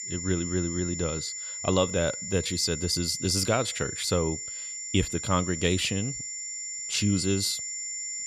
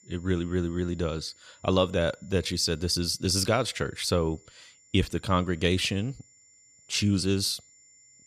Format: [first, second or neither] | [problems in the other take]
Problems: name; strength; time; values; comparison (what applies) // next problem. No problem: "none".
second | high-pitched whine; loud; throughout; 7 kHz, 5 dB below the speech; faint in the second